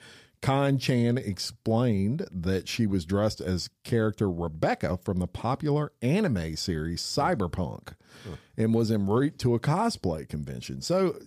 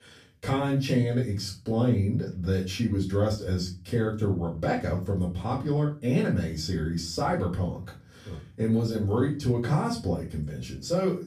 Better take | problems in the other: first | off-mic speech; far // room echo; slight; dies away in 0.3 s

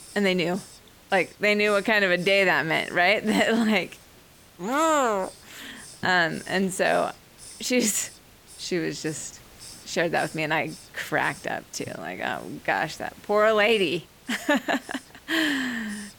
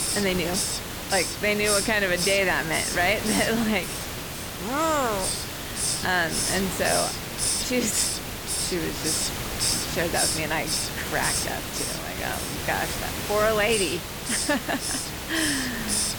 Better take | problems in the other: first | hiss; loud; throughout; as loud as the speech; faint in the first

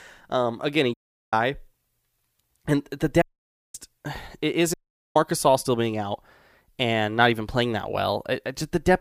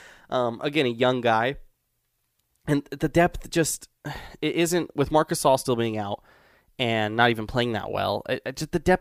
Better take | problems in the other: second | audio cutting out; at 1 s, at 3 s for 0.5 s and at 4.5 s

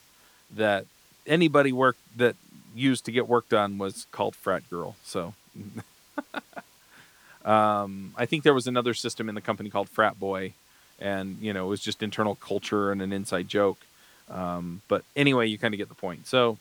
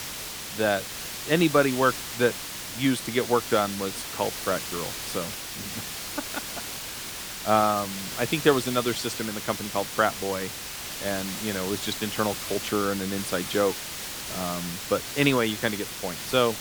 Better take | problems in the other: first | hiss; loud; throughout; 6 dB below the speech; faint in the first

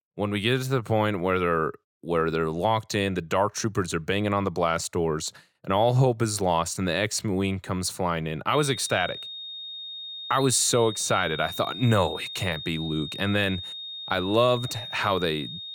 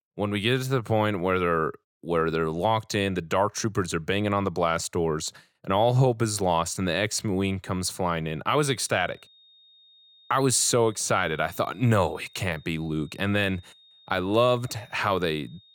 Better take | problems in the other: second | high-pitched whine; loud; from 8.5 s on; 3.5 kHz, 9 dB below the speech; faint in the second

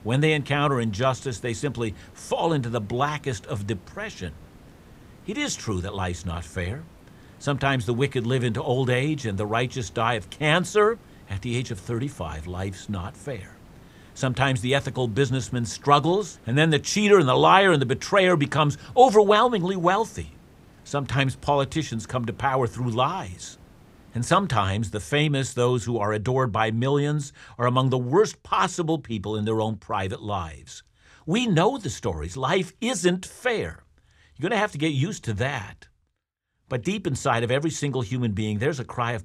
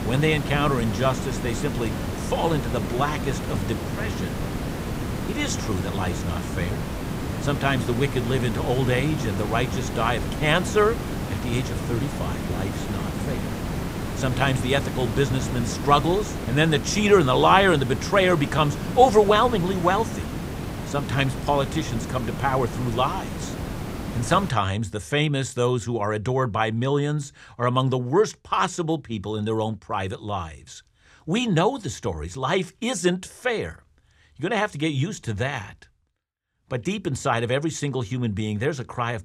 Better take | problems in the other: first | hiss; loud; until 24 s; 6 dB below the speech; faint in the first

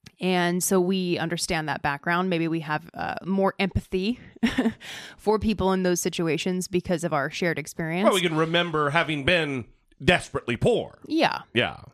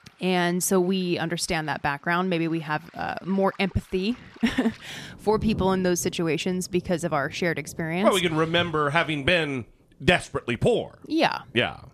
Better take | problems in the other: first | rain or running water; noticeable; throughout; 20 dB below the speech

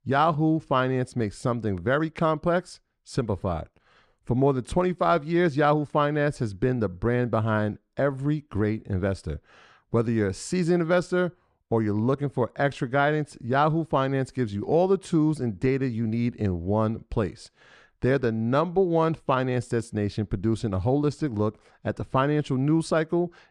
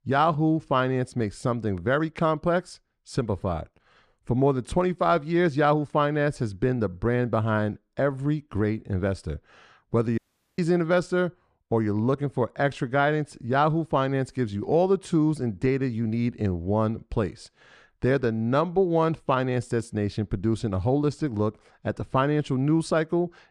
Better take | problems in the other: first | audio cutting out; at 10 s

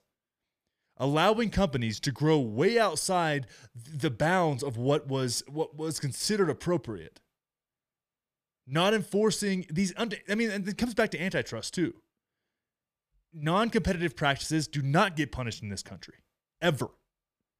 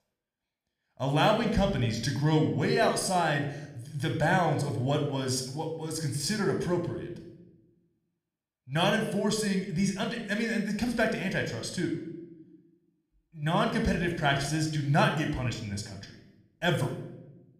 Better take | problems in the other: first | room echo; slight; dies away in 0.7 s

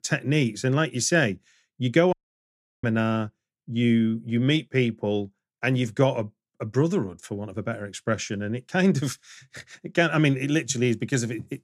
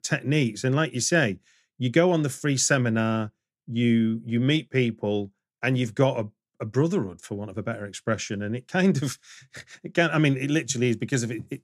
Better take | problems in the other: second | audio cutting out; at 2 s for 0.5 s

